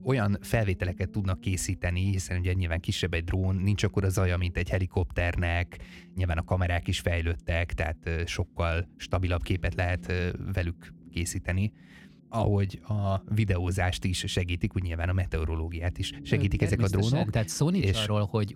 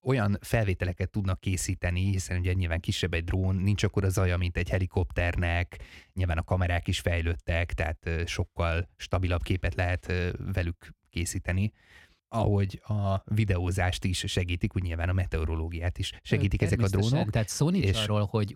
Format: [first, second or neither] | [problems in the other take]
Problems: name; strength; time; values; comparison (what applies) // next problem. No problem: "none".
second | low rumble; faint; throughout; 25 dB below the speech